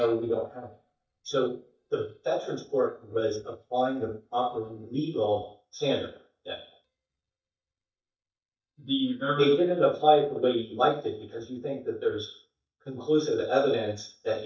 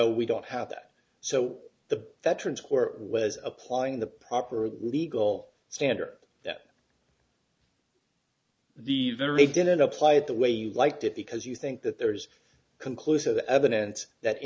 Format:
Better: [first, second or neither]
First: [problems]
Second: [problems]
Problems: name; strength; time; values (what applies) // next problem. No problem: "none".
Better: second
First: noise reduction (neural mask model DeepFilterNet 3)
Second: none